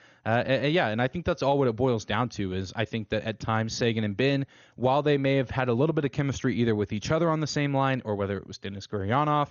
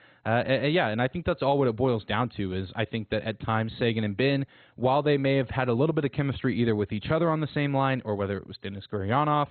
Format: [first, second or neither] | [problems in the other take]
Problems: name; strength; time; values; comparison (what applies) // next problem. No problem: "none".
first | garbled, watery; badly; nothing above 4 kHz; slightly in the first